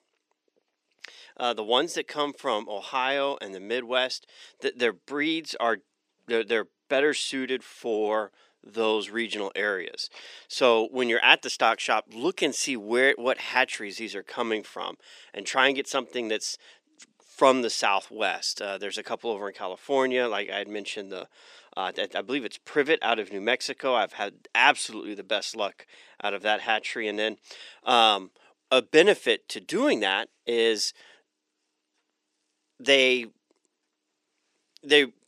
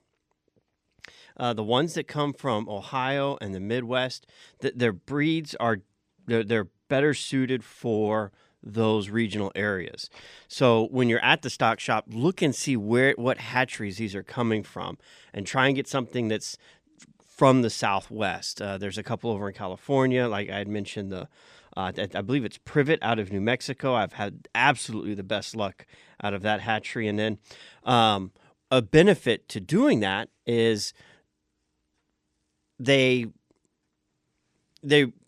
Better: second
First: thin; somewhat; fading below 350 Hz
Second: none

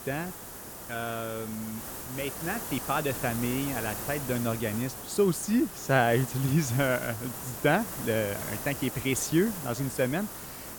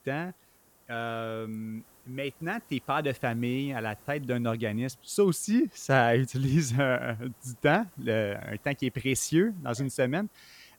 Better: second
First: hiss; loud; throughout; 7 dB below the speech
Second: hiss; faint; throughout; 30 dB below the speech

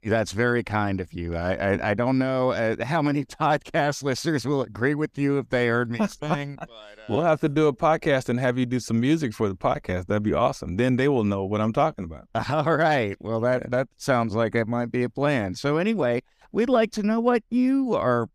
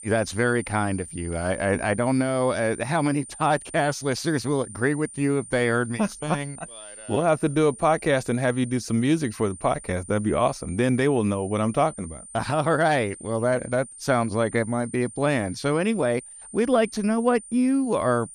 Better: first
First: none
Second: high-pitched whine; noticeable; throughout; 9 kHz, 15 dB below the speech

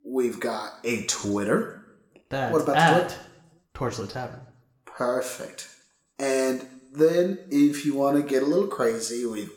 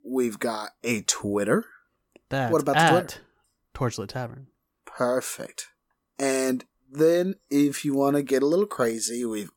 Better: second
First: room echo; very slight; dies away in 0.6 s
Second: none

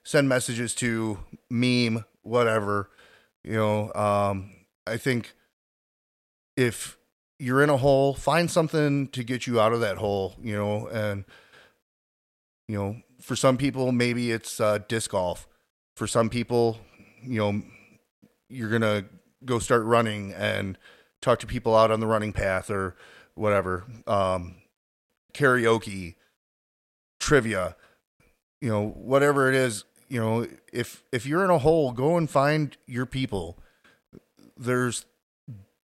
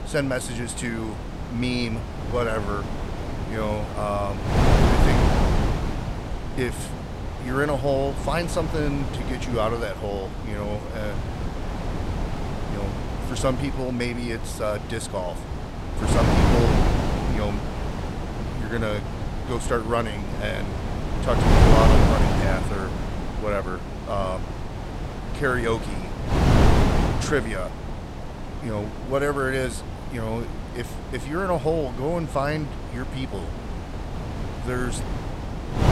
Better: first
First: none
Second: wind noise on the microphone; heavy; 3 dB below the speech

